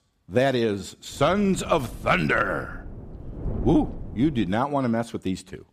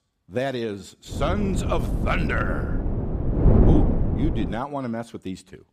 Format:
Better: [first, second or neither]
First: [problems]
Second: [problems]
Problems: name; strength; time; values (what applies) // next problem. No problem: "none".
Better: first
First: wind noise on the microphone; occasional gusts; from 1 to 4.5 s; 20 dB below the speech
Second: wind noise on the microphone; heavy; from 1 to 4.5 s; 3 dB below the speech